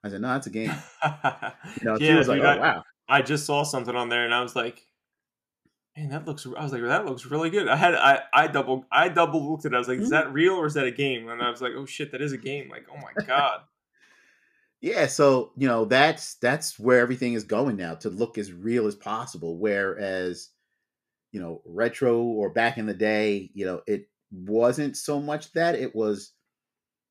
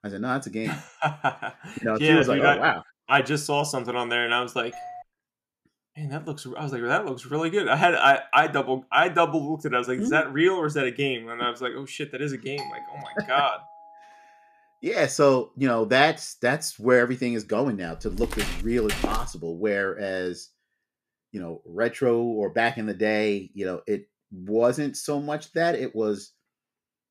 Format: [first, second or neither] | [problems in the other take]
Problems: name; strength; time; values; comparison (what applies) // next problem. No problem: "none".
first | doorbell; faint; at 4.5 s and from 13 to 14 s; peak 10 dB below the speech // footsteps; noticeable; from 18 to 19 s; peak 5 dB below the speech